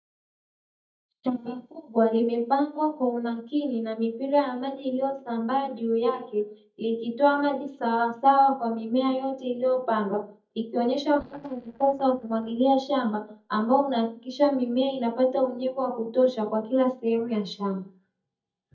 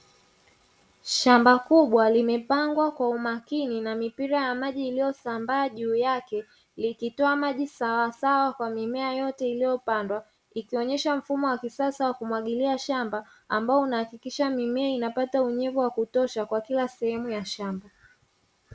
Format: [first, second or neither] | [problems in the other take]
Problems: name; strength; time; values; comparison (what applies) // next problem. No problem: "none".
second | noise reduction (neural mask model DeepFilterNet 3)